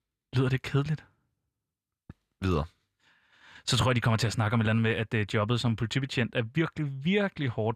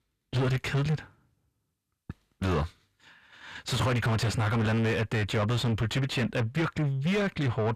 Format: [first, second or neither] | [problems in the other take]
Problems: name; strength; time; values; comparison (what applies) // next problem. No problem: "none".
first | distortion; heavy; 7 dB below the speech